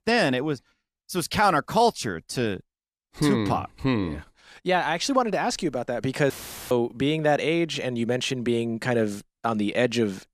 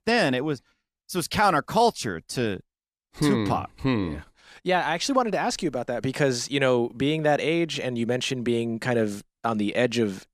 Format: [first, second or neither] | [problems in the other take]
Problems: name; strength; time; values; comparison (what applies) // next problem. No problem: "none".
second | audio cutting out; filled with static; at 6.5 s